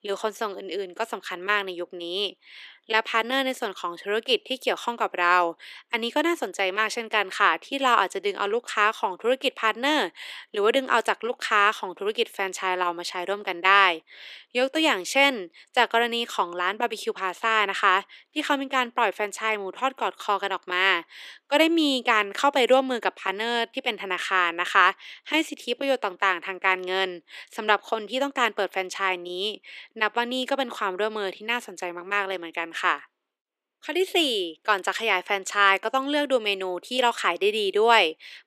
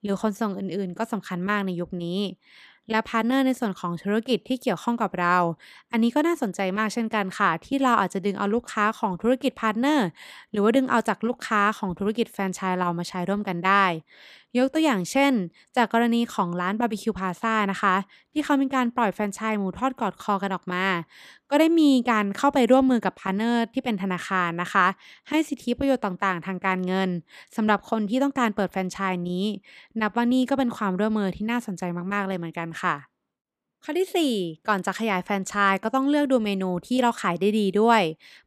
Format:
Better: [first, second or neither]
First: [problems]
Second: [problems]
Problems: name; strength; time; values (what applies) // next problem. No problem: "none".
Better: second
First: thin; somewhat; fading below 350 Hz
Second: none